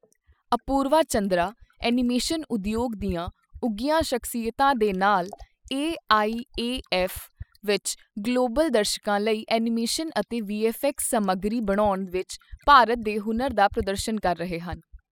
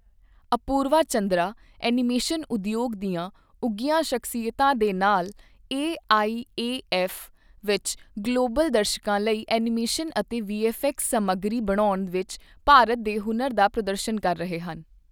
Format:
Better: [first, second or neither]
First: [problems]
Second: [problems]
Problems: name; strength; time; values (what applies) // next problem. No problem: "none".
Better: second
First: noise reduction (classical method spectral subtraction)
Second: none